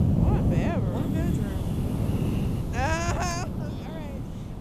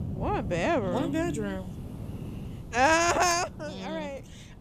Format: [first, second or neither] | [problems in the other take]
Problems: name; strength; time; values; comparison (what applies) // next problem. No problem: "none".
second | wind noise on the microphone; heavy; 4 dB below the speech; occasional gusts in the second